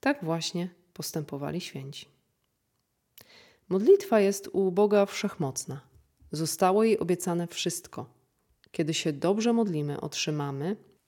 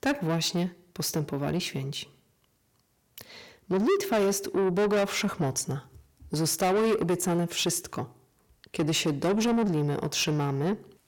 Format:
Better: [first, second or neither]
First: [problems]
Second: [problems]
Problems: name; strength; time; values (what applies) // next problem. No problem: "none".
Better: first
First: none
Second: distortion; heavy; 6 dB below the speech